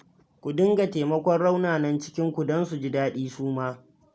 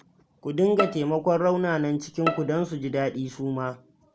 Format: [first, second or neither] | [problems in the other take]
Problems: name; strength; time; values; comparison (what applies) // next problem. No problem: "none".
first | background sound (Bowed string instrument); 9 dB below the speech